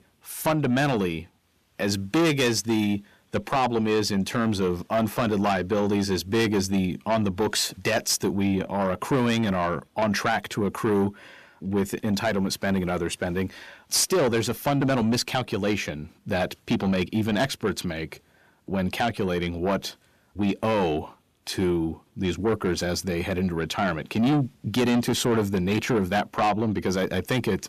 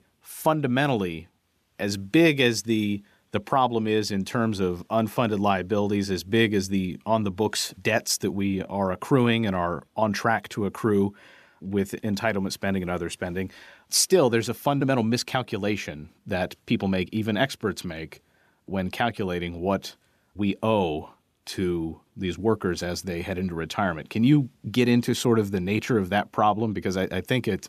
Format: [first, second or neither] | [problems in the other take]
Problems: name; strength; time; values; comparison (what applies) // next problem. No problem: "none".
second | distortion; heavy; 8 dB below the speech